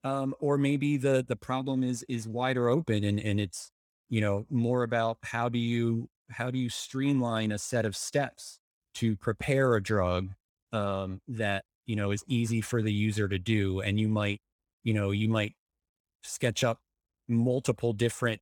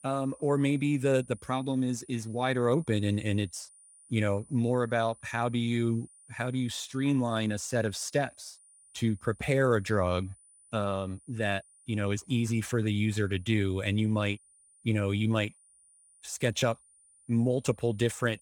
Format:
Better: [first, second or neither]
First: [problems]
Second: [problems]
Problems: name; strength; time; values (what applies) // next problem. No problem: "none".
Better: first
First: none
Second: high-pitched whine; faint; throughout; 9.5 kHz, 25 dB below the speech